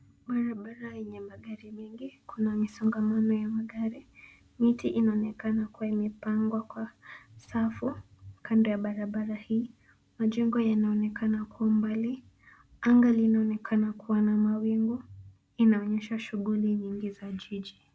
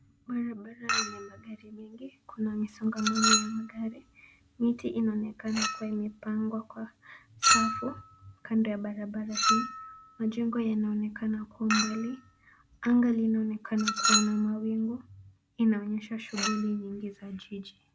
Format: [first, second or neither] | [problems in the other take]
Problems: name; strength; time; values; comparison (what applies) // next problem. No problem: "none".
first | background sound (Chink, clink); 3 dB below the speech